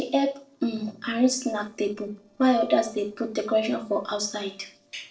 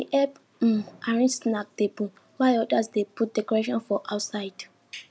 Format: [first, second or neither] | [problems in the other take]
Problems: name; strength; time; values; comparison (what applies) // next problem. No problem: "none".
second | noise reduction (neural separator model SepFormer DNS4)